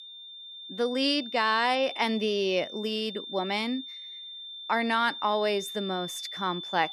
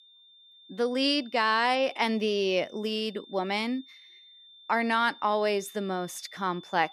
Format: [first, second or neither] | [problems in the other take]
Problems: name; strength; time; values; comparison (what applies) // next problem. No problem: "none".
second | high-pitched whine; loud; throughout; 3.5 kHz, 10 dB below the speech; faint in the second